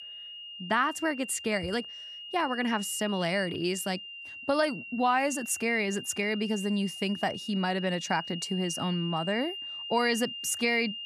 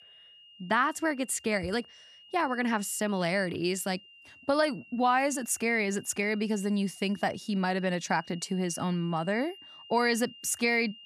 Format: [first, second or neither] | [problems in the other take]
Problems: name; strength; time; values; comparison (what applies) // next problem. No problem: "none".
second | high-pitched whine; loud; throughout; 3 kHz, 9 dB below the speech; faint in the second